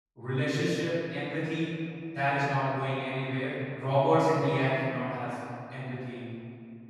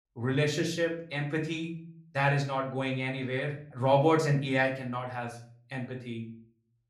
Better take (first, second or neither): second